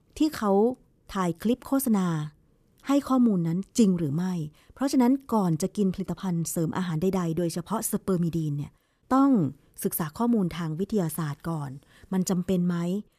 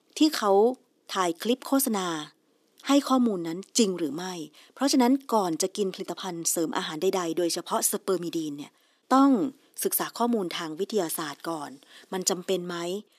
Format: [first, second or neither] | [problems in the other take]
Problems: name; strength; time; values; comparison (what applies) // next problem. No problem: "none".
first | thin; very slightly; fading below 300 Hz